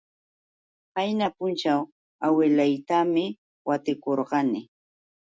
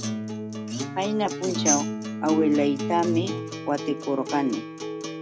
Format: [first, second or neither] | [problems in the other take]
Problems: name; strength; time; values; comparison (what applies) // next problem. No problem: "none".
first | background sound (Acoustic guitar + Tambourine); 4 dB below the speech